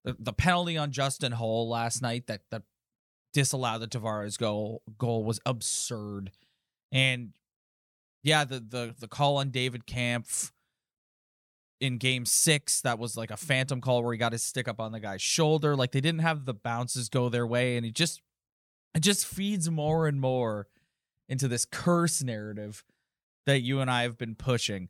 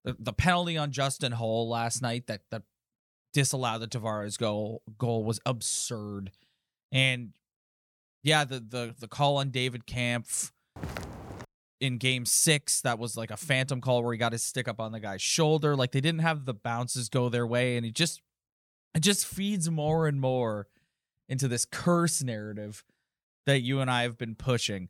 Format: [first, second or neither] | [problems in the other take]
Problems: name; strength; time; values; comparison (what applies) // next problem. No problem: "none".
first | footsteps; faint; at 11 s; peak 10 dB below the speech